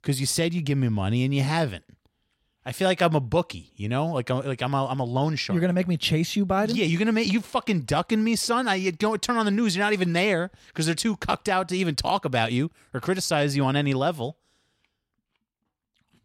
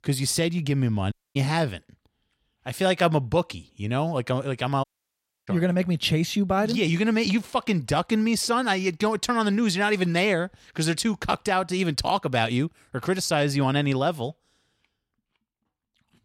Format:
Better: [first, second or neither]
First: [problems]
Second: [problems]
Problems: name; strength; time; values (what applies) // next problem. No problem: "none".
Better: first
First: none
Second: audio cutting out; at 1 s and at 5 s for 0.5 s